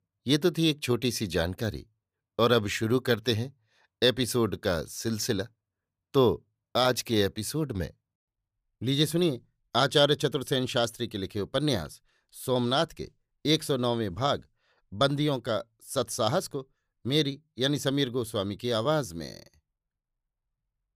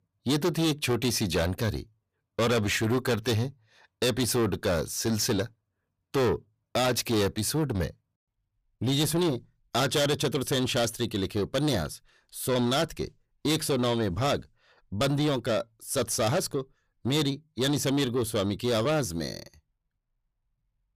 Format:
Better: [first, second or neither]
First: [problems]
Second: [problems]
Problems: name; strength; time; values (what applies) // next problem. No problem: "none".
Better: first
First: none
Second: distortion; heavy; 6 dB below the speech